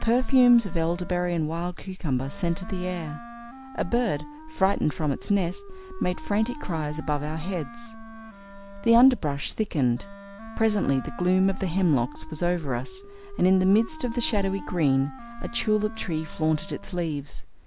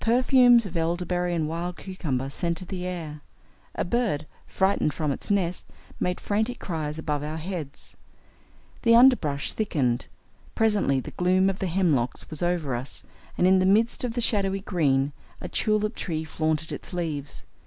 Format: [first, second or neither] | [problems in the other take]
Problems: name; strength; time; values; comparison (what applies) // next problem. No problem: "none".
second | background sound (Wind instrument, woodwind instrument); 18 dB below the speech